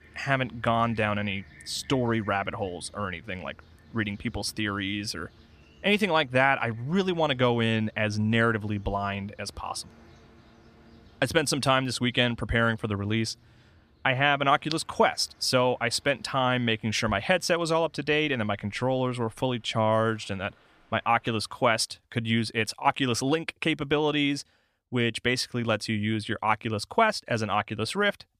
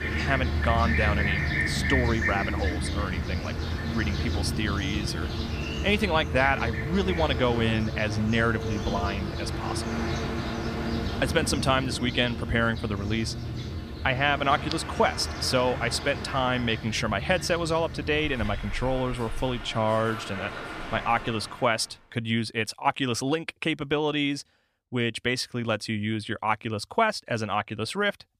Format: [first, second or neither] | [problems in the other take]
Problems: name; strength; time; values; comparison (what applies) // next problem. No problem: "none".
first | train or aircraft noise; loud; until 21 s; 4 dB below the speech; faint in the first